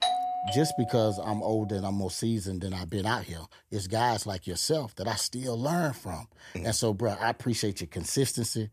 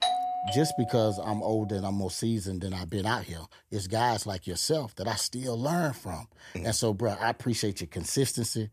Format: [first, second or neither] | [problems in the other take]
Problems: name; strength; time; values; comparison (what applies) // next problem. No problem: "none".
neither | doorbell; loud; until 1.5 s; peak 2 dB above the speech; the same in both